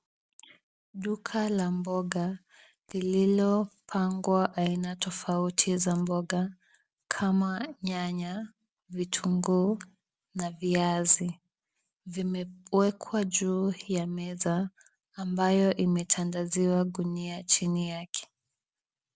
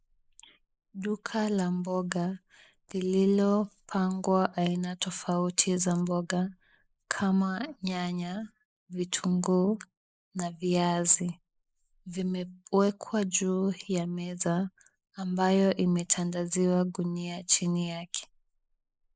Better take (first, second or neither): first